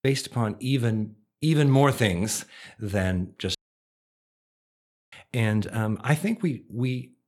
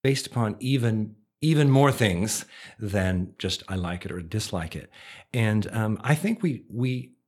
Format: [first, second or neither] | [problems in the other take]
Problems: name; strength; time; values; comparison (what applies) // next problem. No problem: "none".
second | audio cutting out; at 3.5 s for 1.5 s